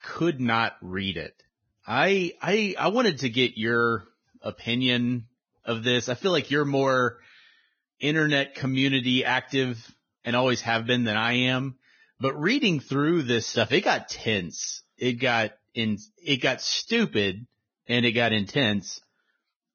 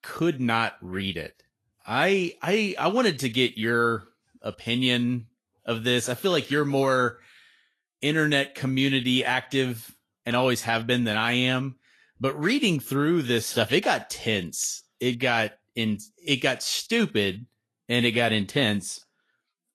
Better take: second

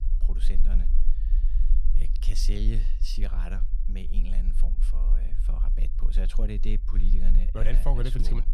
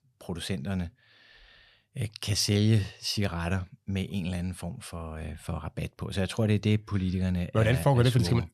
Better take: second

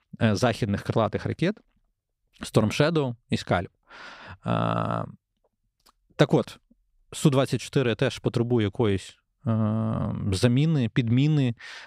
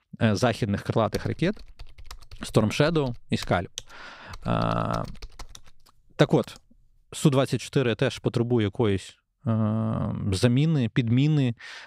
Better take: first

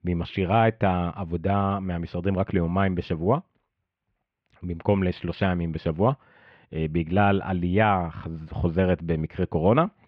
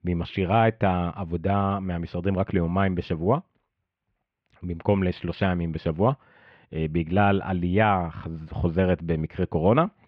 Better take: neither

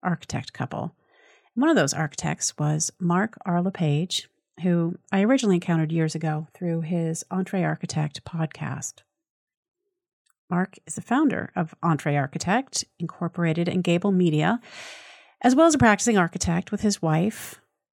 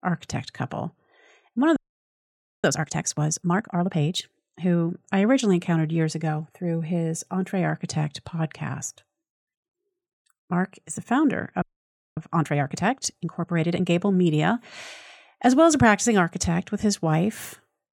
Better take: first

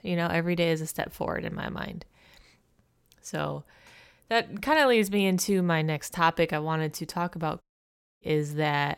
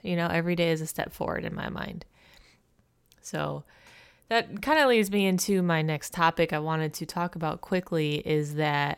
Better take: second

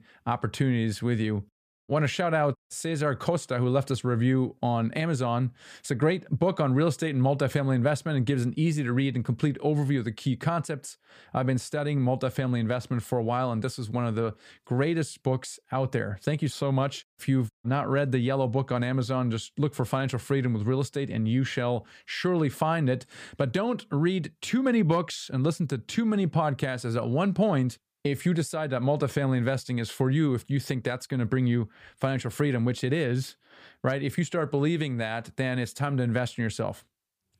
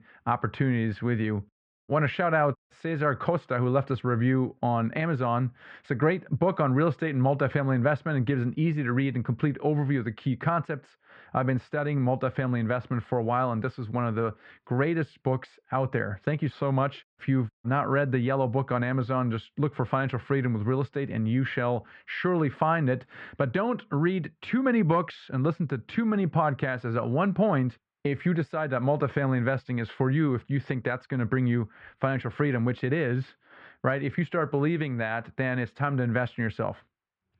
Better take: first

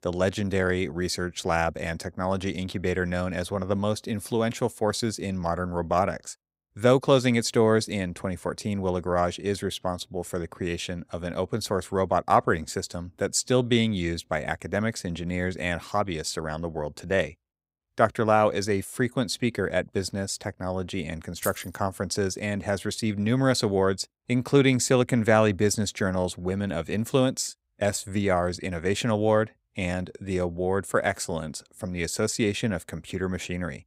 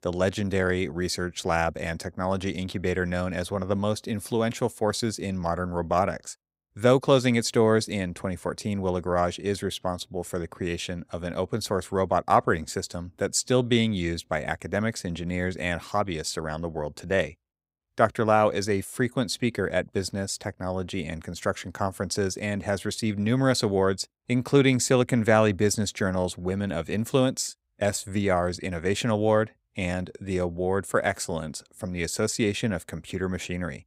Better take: second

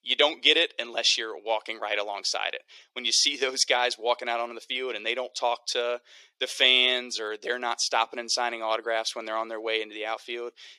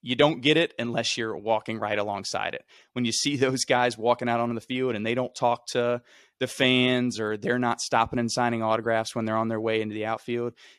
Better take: second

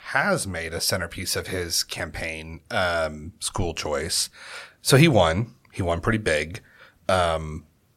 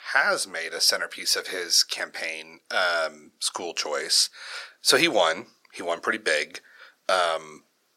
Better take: first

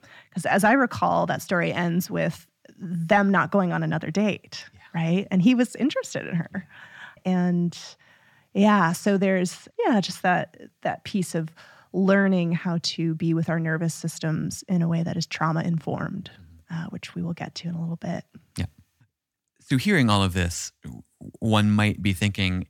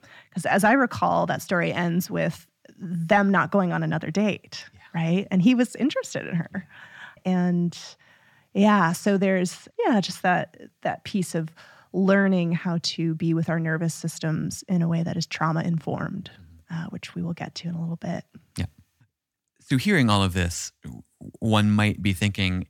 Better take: neither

